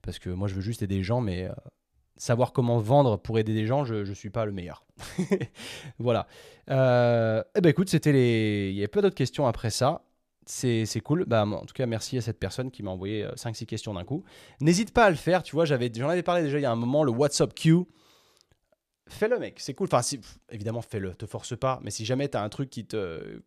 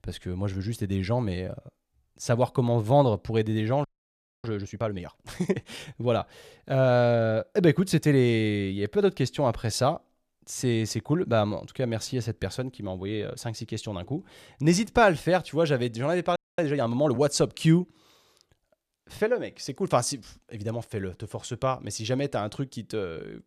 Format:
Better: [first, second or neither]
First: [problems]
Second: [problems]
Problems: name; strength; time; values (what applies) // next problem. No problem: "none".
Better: first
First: none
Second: audio freezing; at 4 s for 0.5 s and at 16 s